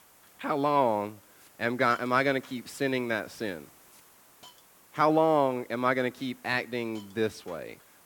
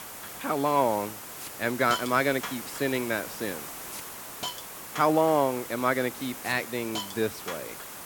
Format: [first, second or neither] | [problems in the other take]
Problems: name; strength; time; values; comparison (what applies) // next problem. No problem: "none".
first | hiss; loud; throughout; 9 dB below the speech; faint in the first